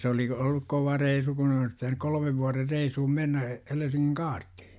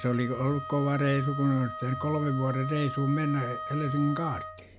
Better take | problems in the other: first | background sound (Wind instrument, woodwind instrument); 9 dB below the speech

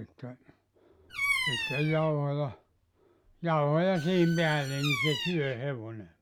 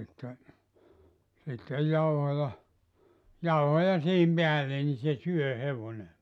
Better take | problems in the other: second | background sound (Bird vocalization, bird call, bird song); 7 dB below the speech

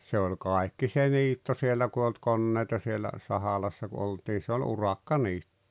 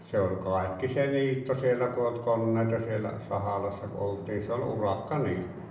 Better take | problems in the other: first | background sound (Drum); 19 dB below the speech // room echo; dies away in 0.8 s

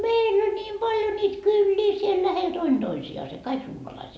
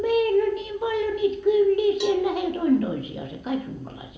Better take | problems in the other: first | background sound (Cowbell); 20 dB below the speech // room echo; dies away in 1 s

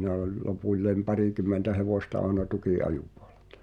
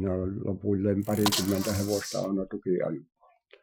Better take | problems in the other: first | noise reduction (classical method Wiener filter)

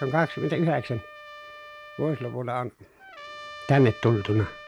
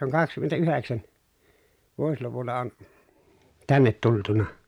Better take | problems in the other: second | background sound (Trumpet); 17 dB below the speech

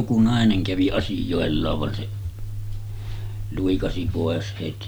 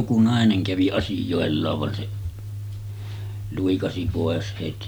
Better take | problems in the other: second | background sound (Meow); 8 dB below the speech

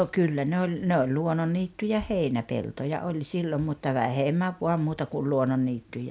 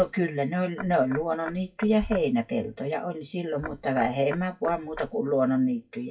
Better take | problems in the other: first | noise reduction (classical method WPE with log-MMSE)

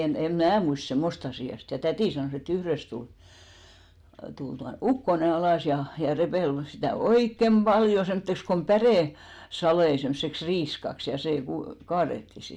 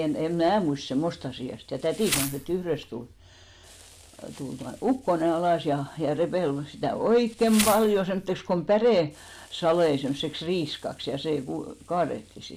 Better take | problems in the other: first | background sound (Insect); 15 dB below the speech

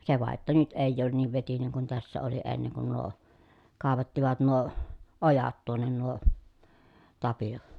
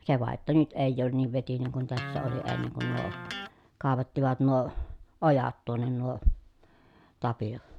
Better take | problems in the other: first | background sound (Electric guitar); 11 dB below the speech

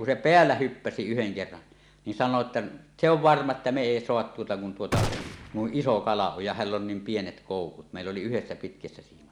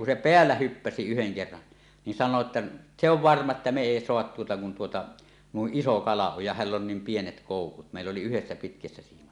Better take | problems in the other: second | background sound (Gunshot, gunfire); 5 dB below the speech

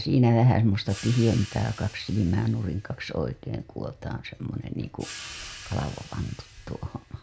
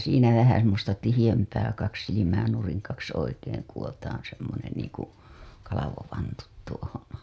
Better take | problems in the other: second | background sound (Cymbal); 19 dB below the speech

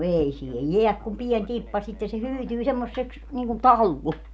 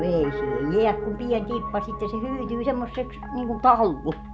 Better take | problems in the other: first | background sound (Piano); 9 dB below the speech

